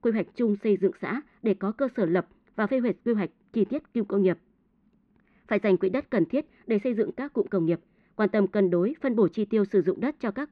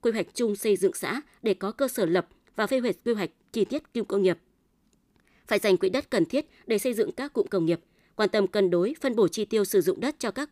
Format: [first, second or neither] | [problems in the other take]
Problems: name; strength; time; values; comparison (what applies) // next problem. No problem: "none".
second | muffled; very; fading above 2.5 kHz